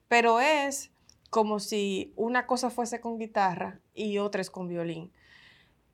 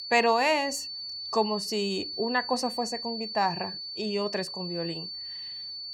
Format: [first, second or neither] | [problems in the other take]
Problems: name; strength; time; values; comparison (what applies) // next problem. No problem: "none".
first | high-pitched whine; loud; throughout; 4.5 kHz, 5 dB below the speech